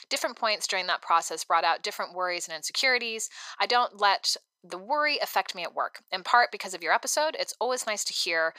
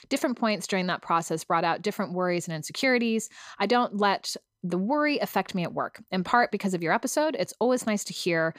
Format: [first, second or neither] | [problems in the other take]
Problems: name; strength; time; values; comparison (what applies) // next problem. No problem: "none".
second | thin; very; fading below 800 Hz